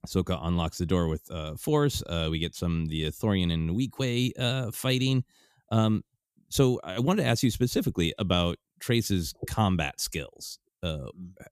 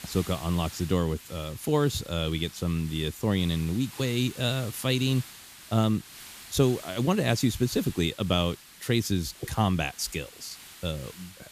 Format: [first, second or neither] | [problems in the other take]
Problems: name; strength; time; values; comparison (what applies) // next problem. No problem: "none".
first | hiss; noticeable; throughout; 15 dB below the speech